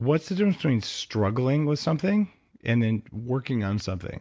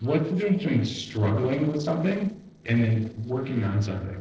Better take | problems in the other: first | noise reduction (neural separator model SepFormer DNS4)

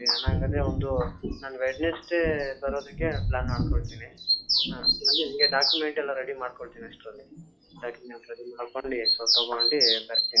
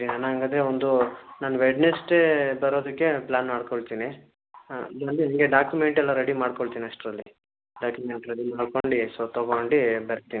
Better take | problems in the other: second | noise reduction (classical method log-MMSE)

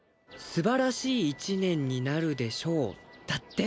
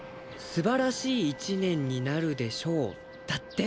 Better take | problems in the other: first | background sound (Fixed-wing aircraft, airplane + Wind instrument, woodwind instrument); 15 dB below the speech

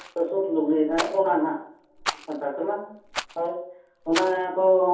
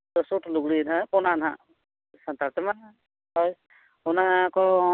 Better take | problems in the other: second | background sound (Rattle); 12 dB below the speech // room echo; dies away in 0.6 s

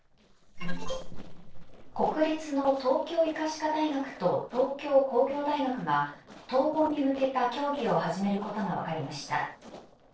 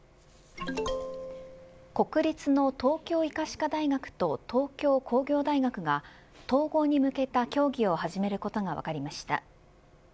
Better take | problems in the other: second | noise reduction (neural separator model SepFormer DNS4)

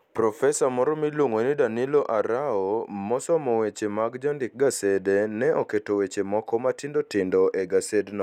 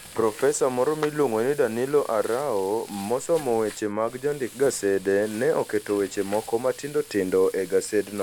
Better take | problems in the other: first | background sound (Frying (food) + Clapping); 19 dB below the speech

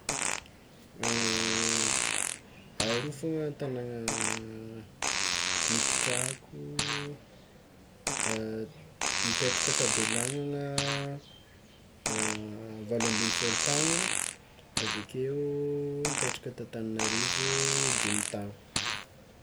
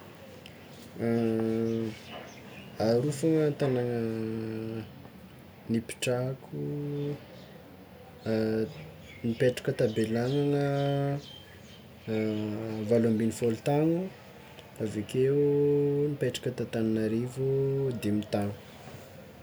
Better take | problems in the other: second | background sound (Fart); 3 dB above the speech

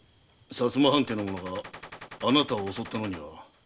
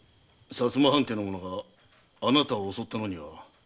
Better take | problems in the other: second | background sound (Gunshot, gunfire); 16 dB below the speech

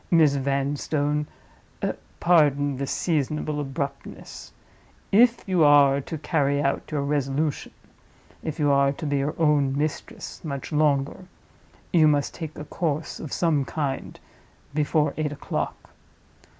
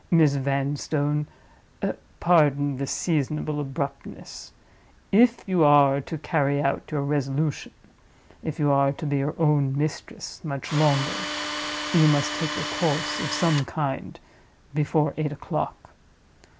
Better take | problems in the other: first | background sound (Tools); 5 dB below the speech

